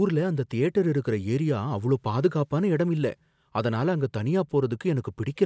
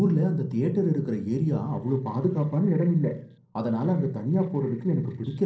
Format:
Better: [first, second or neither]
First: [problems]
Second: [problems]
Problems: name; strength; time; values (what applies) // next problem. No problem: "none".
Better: first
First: none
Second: noise reduction (neural separator model SepFormer DNS4)